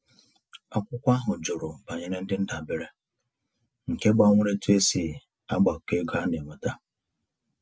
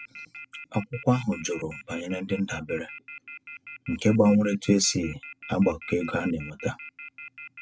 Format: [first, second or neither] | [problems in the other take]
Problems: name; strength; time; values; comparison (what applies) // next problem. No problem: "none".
first | background sound (Telephone); 16 dB below the speech